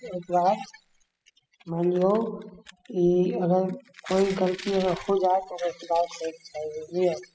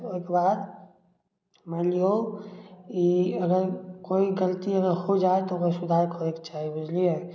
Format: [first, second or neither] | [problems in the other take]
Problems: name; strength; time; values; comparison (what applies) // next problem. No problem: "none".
second | noise reduction (classical method spectral subtraction)